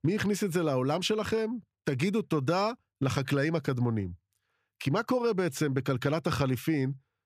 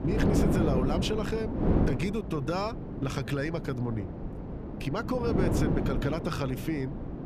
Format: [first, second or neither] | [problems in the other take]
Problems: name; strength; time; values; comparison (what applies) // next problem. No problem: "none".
first | wind noise on the microphone; heavy; 2 dB below the speech